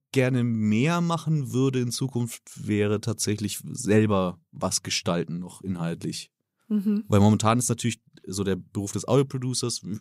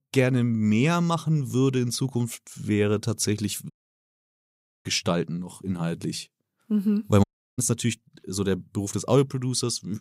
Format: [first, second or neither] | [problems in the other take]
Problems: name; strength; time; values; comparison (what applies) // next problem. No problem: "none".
first | audio cutting out; at 3.5 s for 1 s and at 7 s